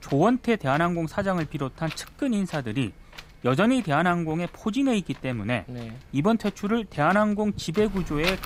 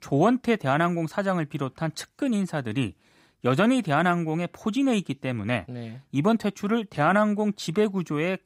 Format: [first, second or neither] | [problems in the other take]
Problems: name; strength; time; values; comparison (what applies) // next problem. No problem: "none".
second | wind noise on the microphone; occasional gusts; 15 dB below the speech